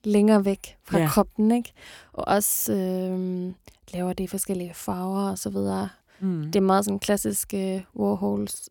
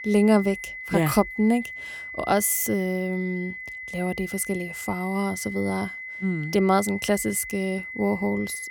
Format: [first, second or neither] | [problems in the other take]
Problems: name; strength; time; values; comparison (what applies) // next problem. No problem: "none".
first | high-pitched whine; loud; throughout; 2 kHz, 9 dB below the speech